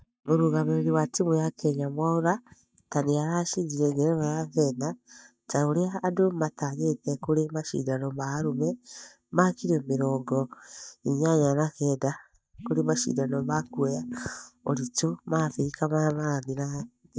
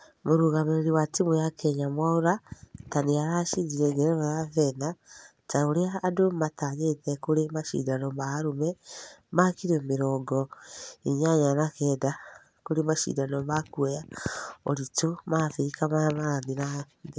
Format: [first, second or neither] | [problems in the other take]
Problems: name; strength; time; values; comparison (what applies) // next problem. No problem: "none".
second | noise reduction (neural mask model DeepFilterNet 3)